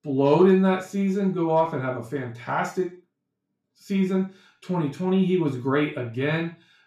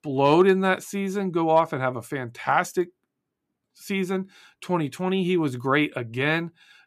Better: second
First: room echo; slight; dies away in 0.3 s // off-mic speech; far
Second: none

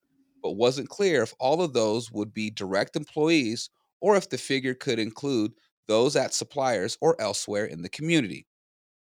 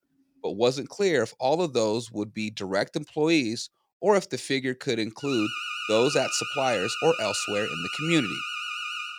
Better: first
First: none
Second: alarm; noticeable; from 5 s on; peak 4 dB below the speech

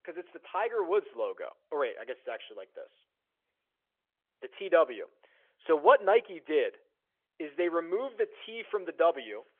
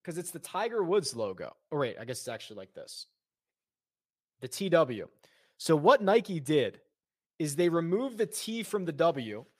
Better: second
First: phone-call audio; nothing above 3.5 kHz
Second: none

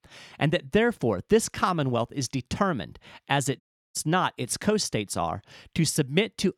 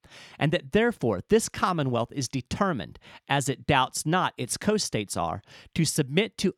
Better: second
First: audio cutting out; at 3.5 s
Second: none

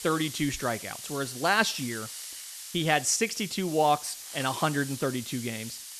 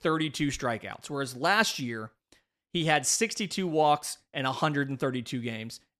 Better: second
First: hiss; noticeable; throughout; 10 dB below the speech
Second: none

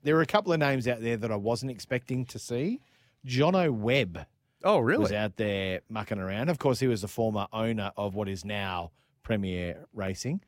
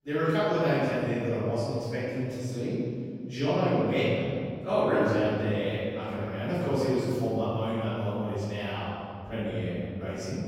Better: first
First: none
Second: off-mic speech; far // room echo; strong; dies away in 2.3 s

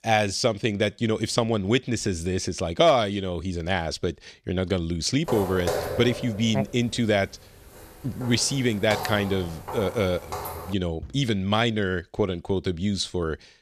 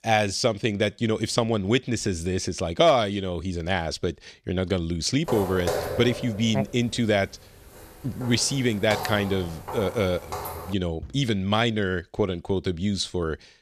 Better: neither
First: footsteps; noticeable; from 5.5 to 11 s; peak 3 dB below the speech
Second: footsteps; noticeable; from 5.5 to 11 s; peak 3 dB below the speech

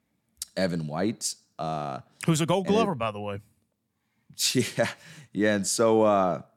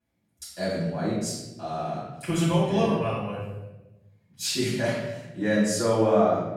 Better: first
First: none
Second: off-mic speech; far // room echo; strong; dies away in 1.1 s

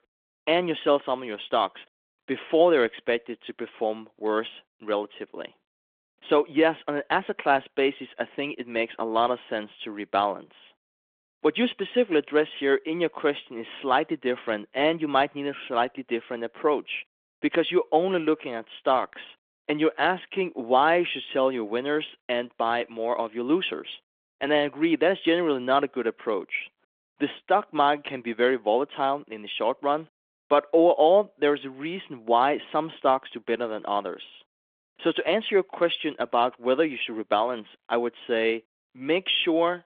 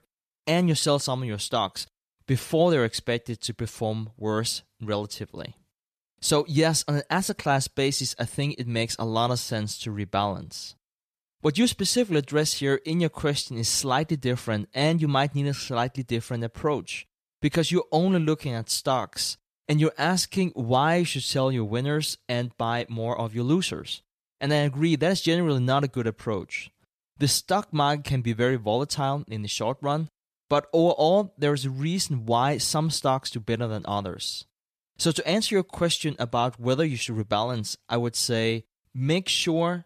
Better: second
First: phone-call audio; nothing above 3.5 kHz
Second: none

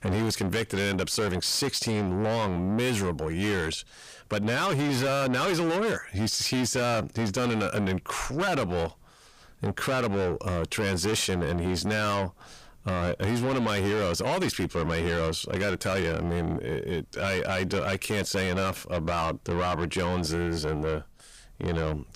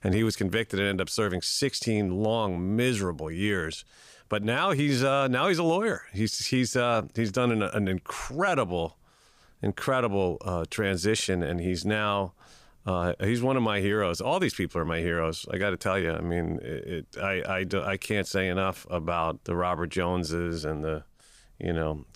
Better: second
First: distortion; heavy; 7 dB below the speech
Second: none

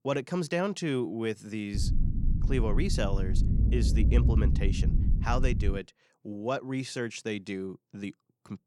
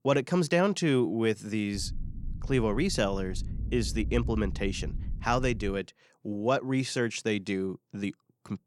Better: second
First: low rumble; loud; from 2 to 6 s; 8 dB below the speech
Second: low rumble; faint; from 2 to 6 s; 20 dB below the speech

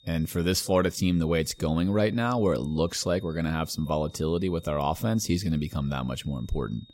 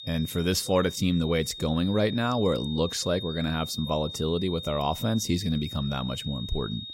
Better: first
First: high-pitched whine; faint; throughout; 3.5 kHz, 25 dB below the speech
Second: high-pitched whine; loud; throughout; 3.5 kHz, 10 dB below the speech

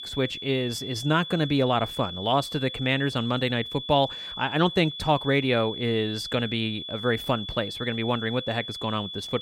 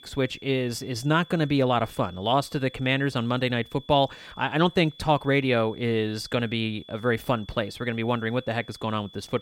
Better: second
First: high-pitched whine; loud; throughout; 3.5 kHz, 8 dB below the speech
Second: high-pitched whine; faint; throughout; 3.5 kHz, 20 dB below the speech

